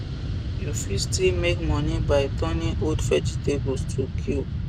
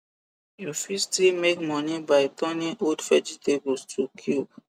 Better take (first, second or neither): second